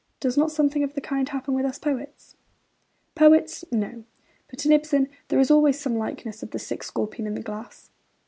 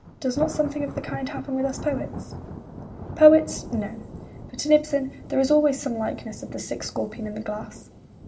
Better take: first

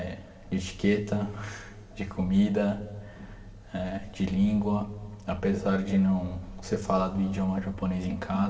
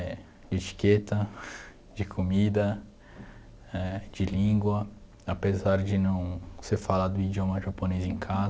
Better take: second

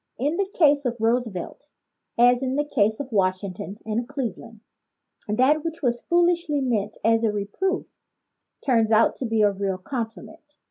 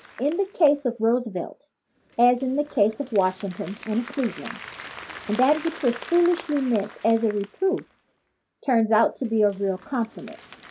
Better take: first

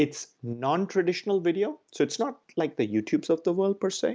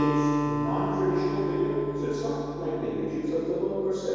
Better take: first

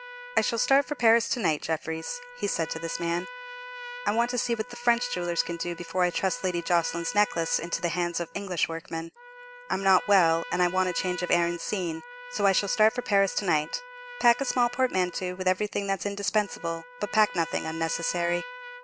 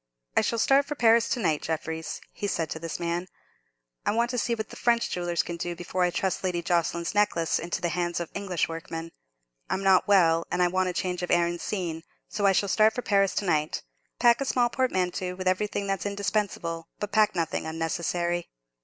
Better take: second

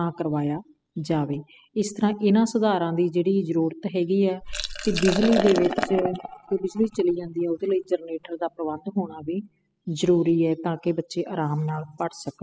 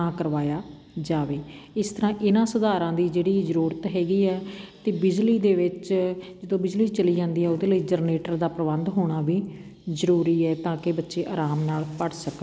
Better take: second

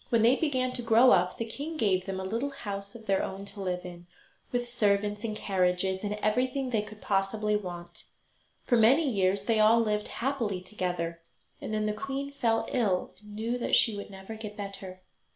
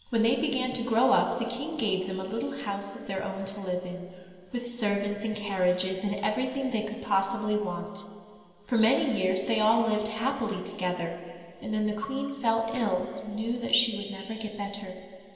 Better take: first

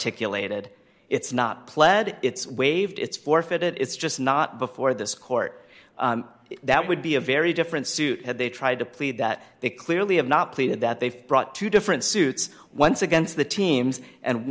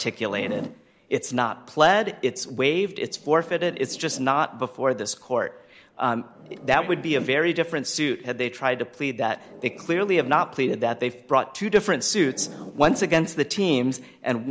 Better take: first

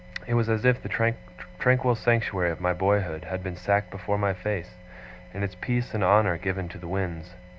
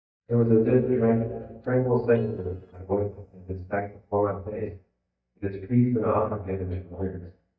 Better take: first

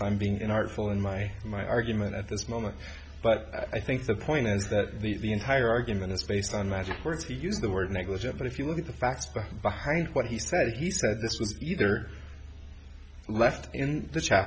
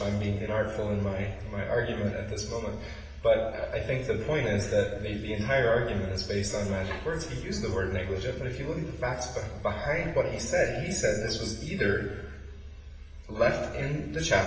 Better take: first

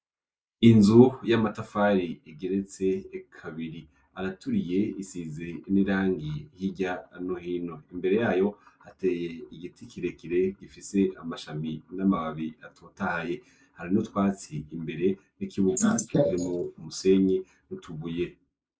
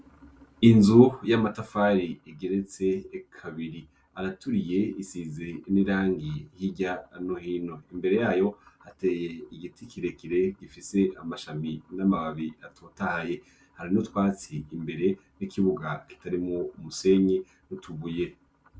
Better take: second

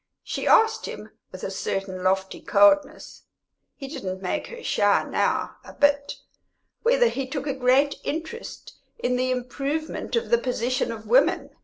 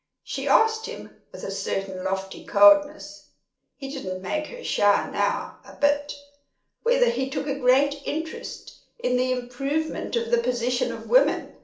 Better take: first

